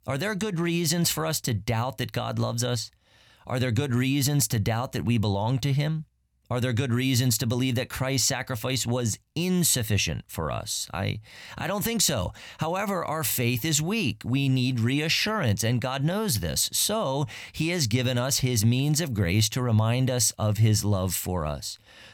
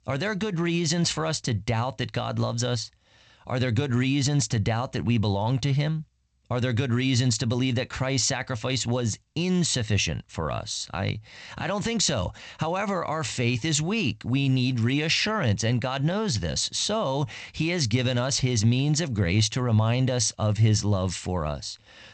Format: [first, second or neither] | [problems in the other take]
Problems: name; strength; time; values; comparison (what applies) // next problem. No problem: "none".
first | garbled, watery; slightly; nothing above 8 kHz